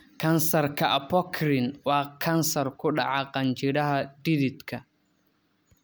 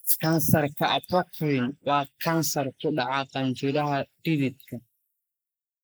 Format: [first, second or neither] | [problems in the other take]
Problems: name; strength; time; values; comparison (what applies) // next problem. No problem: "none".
first | noise reduction (neural mask model Resemble Enhance denoiser)